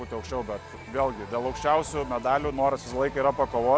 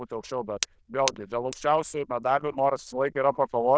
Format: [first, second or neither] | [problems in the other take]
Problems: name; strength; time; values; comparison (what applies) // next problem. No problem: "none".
first | noise reduction (neural diffusion model UNIVERSE++)